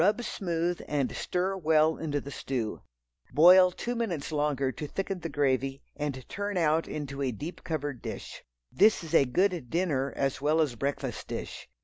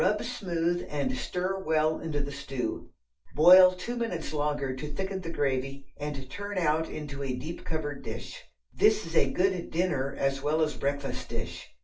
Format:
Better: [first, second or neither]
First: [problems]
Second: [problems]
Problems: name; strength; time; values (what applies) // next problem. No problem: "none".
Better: first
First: none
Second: room echo; dies away in 0.3 s